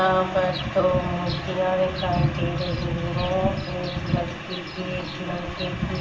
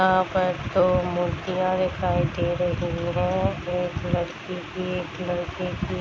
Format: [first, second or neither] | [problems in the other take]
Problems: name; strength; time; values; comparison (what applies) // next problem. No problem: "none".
second | background sound (Bird vocalization, bird call, bird song); 17 dB below the speech // room echo; dies away in 0.9 s